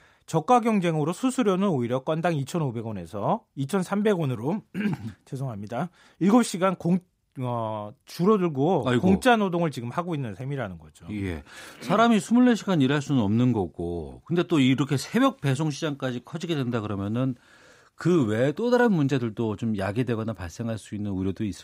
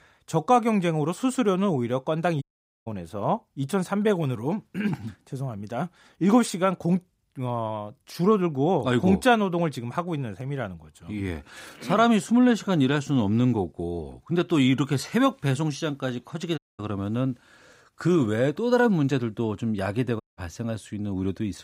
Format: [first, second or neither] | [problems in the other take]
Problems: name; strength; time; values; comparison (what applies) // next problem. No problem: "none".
first | audio cutting out; at 2.5 s, at 17 s and at 20 s